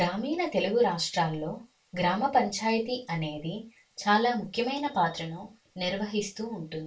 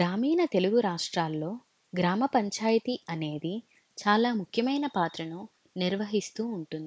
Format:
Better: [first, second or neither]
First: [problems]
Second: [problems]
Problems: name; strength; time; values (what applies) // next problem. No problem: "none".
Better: second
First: room echo; dies away in 0.2 s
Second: none